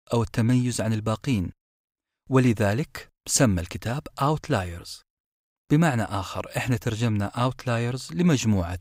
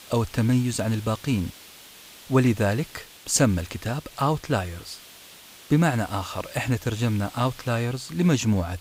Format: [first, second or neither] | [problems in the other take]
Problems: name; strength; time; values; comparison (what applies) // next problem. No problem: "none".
first | hiss; noticeable; throughout; 20 dB below the speech